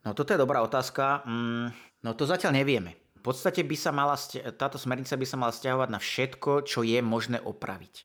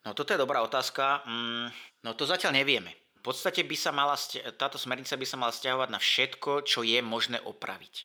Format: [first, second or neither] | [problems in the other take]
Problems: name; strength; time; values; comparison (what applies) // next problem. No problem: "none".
first | thin; very slightly; fading below 600 Hz